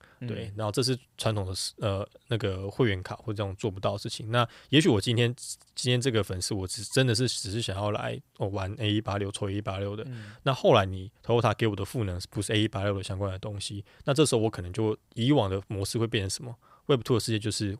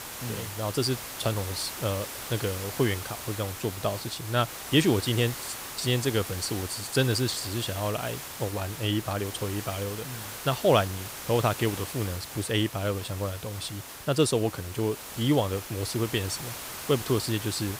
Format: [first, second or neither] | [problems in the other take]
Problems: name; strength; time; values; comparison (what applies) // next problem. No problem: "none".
first | hiss; loud; throughout; 8 dB below the speech